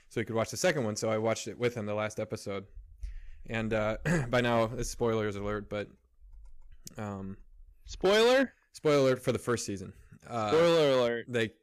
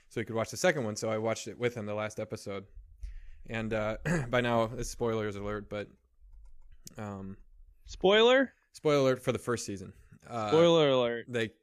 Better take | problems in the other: second | distortion; slight; 4% of the sound clipped

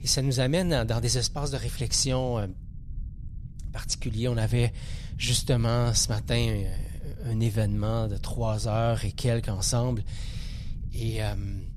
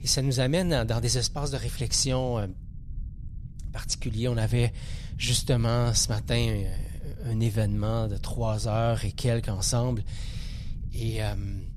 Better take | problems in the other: neither | low rumble; faint; throughout; 25 dB below the speech; the same in both

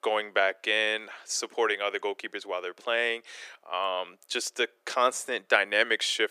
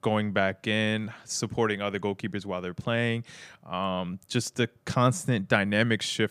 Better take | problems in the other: second | thin; very; fading below 350 Hz

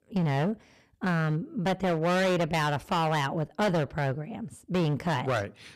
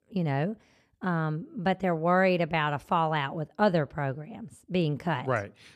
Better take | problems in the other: second | distortion; heavy; 15% of the sound clipped

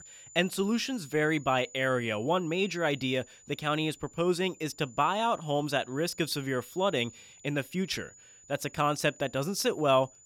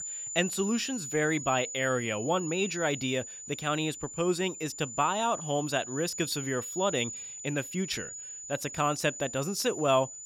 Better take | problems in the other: first | high-pitched whine; loud; throughout; 7 kHz, 8 dB below the speech; faint in the first

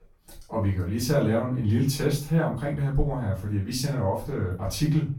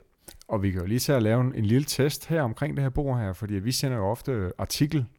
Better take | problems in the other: second | off-mic speech; far // room echo; slight; dies away in 0.3 s

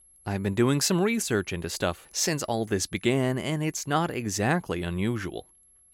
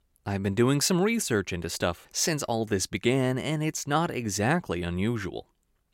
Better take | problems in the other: second | high-pitched whine; faint; throughout; 11 kHz, 30 dB below the speech

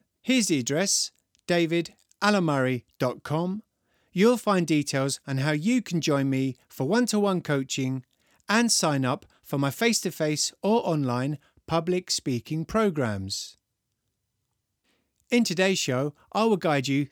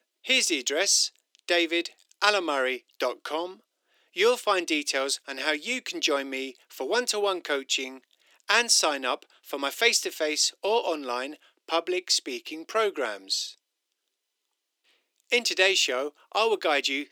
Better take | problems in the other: first | thin; very; fading below 350 Hz

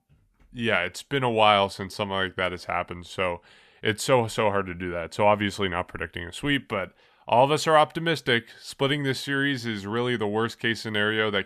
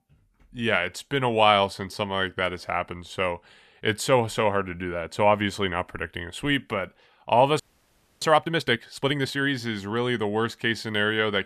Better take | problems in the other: first | audio freezing; at 7.5 s for 0.5 s

